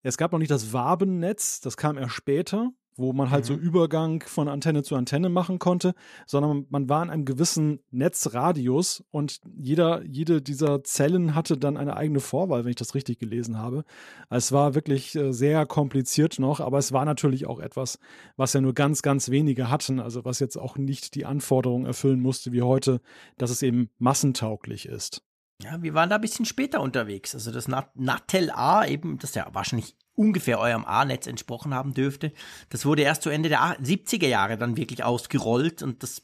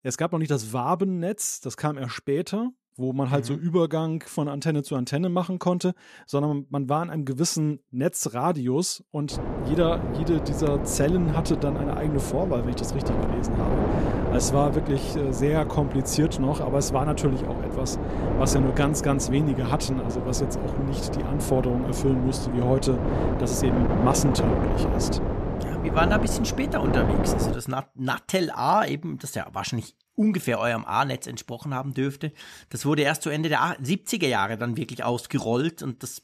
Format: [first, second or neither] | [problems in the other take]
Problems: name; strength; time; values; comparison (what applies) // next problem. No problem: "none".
first | wind noise on the microphone; heavy; from 9.5 to 28 s; 3 dB below the speech